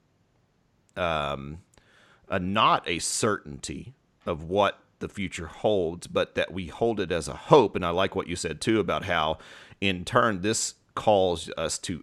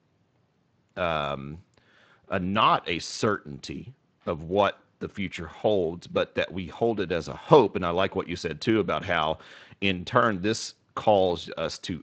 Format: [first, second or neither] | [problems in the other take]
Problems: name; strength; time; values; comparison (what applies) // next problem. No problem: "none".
first | garbled, watery; slightly; nothing above 8 kHz